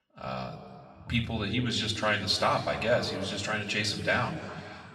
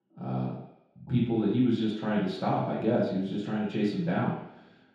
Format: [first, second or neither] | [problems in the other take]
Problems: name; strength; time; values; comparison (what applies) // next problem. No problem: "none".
first | room echo; strong; dies away in 0.8 s; slight in the first // off-mic speech; far; somewhat distant in the first